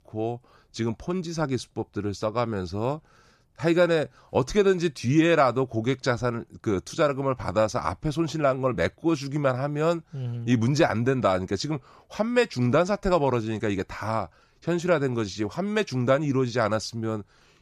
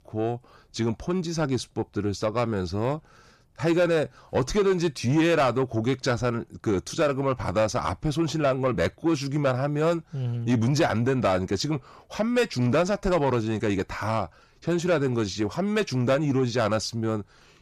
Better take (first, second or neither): first